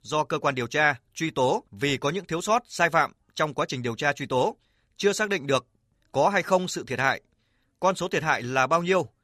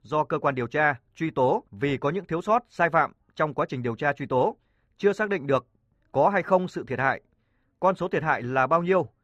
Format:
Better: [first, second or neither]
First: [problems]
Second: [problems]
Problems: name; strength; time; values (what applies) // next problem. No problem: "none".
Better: first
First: none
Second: muffled; very; fading above 3 kHz